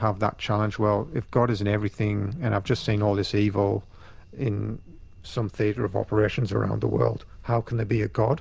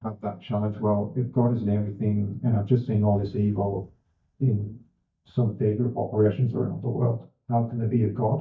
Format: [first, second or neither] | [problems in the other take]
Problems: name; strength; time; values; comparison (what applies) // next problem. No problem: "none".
first | noise reduction (neural mask model DeepFilterNet 3)